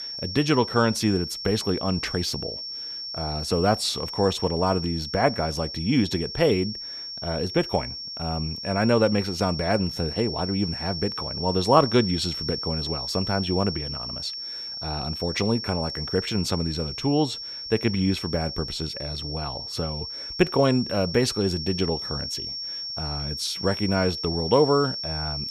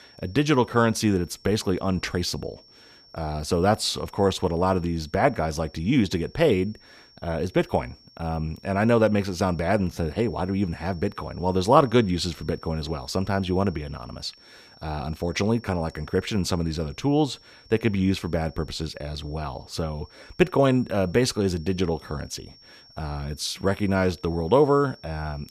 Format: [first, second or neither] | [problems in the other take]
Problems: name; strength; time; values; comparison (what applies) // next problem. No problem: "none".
second | high-pitched whine; loud; throughout; 5.5 kHz, 6 dB below the speech; faint in the second